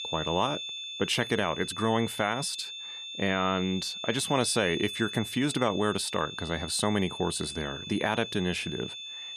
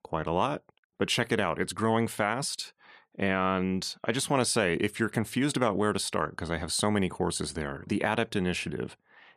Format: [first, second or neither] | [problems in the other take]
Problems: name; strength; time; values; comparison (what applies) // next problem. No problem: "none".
second | high-pitched whine; loud; throughout; 3.5 kHz, 7 dB below the speech